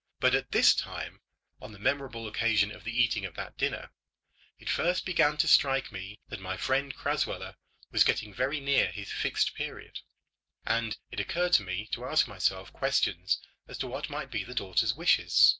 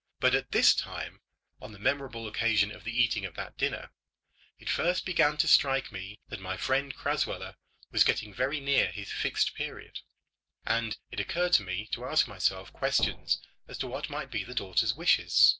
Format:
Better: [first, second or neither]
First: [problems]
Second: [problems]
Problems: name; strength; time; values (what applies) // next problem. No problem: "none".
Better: first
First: none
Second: background sound (Thump, thud); 12 dB below the speech